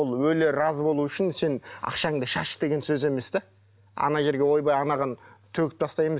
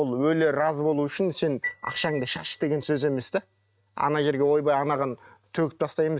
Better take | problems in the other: first | noise reduction (neural mask model RNNoise)

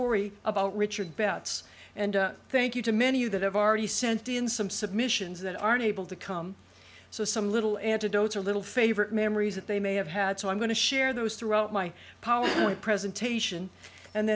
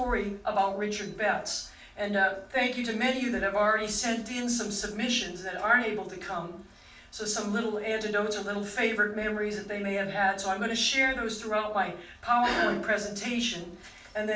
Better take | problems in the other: first | room echo; dies away in 0.4 s

